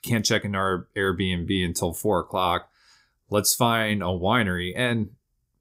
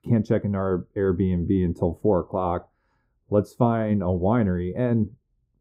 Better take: first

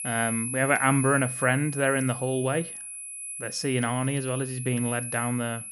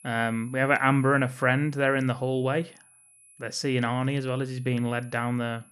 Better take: second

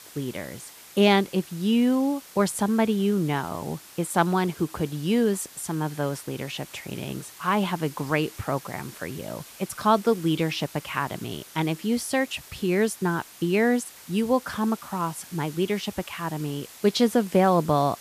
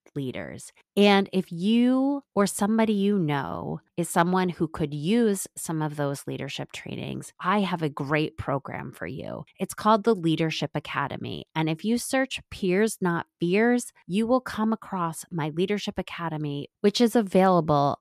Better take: second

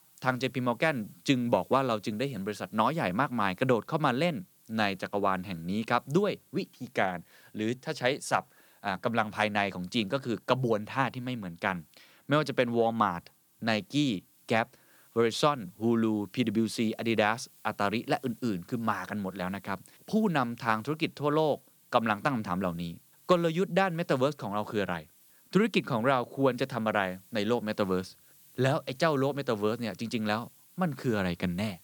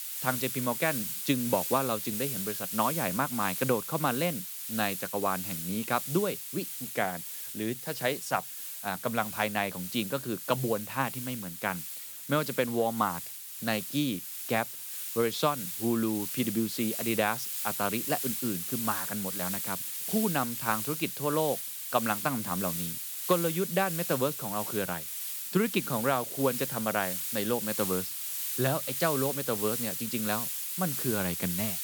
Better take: first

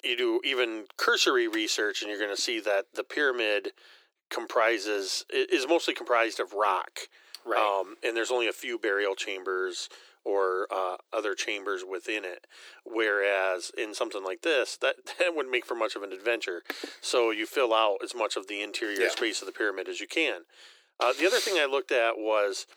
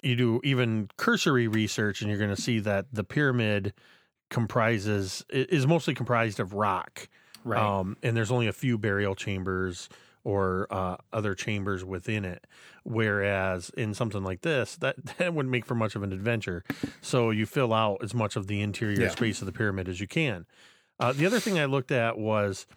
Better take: second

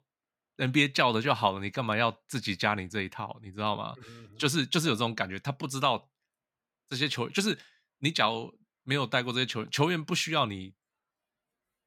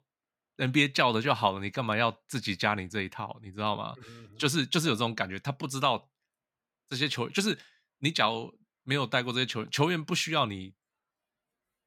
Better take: neither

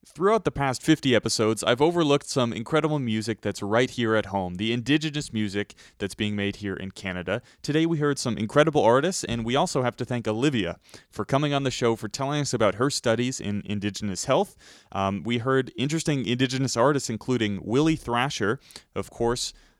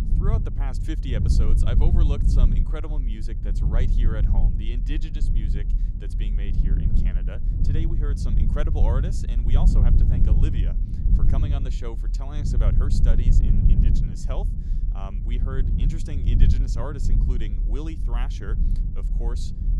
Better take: first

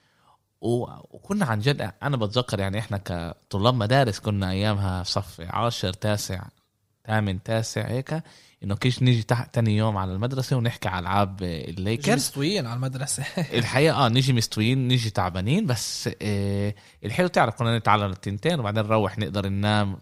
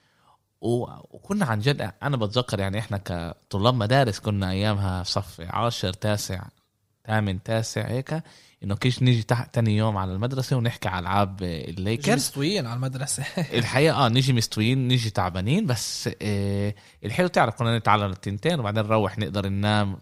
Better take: neither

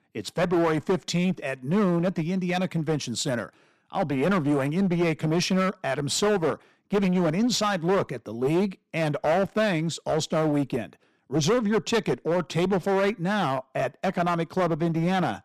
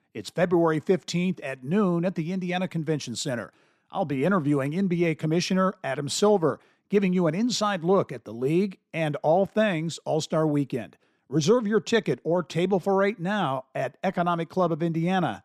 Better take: second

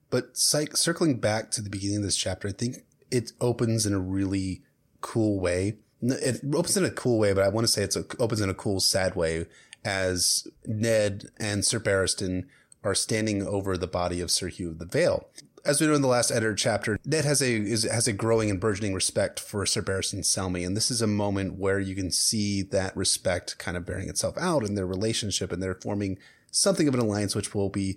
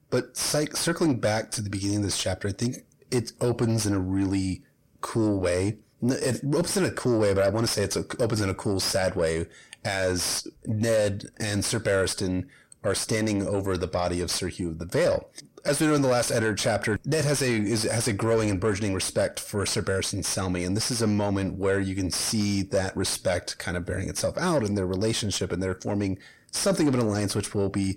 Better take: first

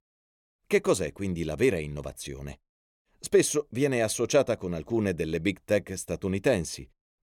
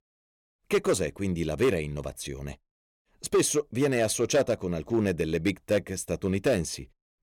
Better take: first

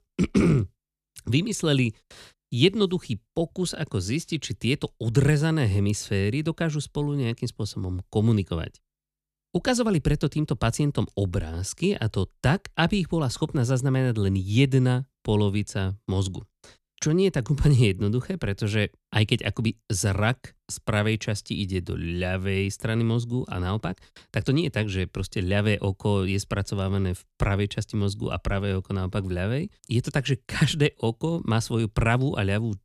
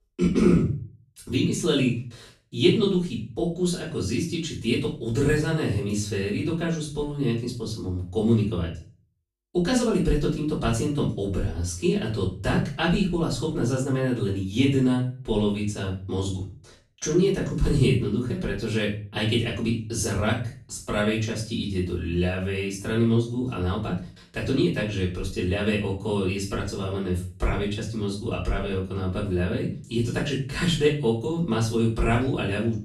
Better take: first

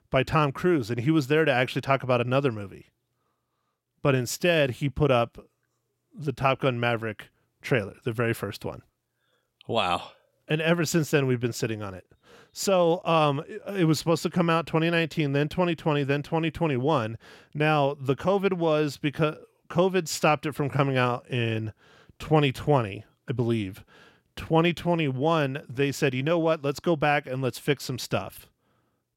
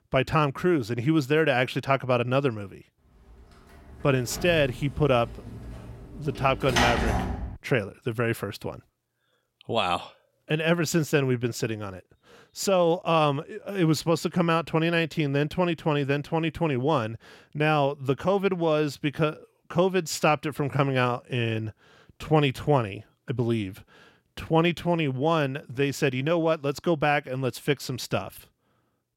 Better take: first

